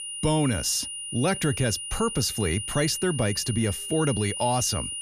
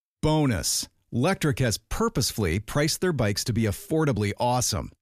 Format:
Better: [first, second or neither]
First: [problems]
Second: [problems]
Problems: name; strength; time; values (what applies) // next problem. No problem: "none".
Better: second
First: high-pitched whine; loud; throughout; 3 kHz, 6 dB below the speech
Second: none